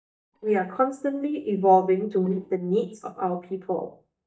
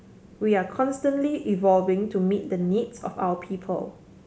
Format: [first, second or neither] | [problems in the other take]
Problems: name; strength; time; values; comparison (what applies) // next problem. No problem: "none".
second | noise reduction (neural mask model DeepFilterNet 3)